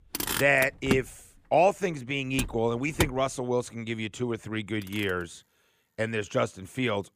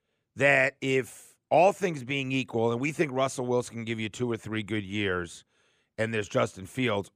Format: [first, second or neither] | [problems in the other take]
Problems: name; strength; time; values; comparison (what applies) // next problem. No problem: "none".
second | traffic noise; loud; throughout; 5 dB below the speech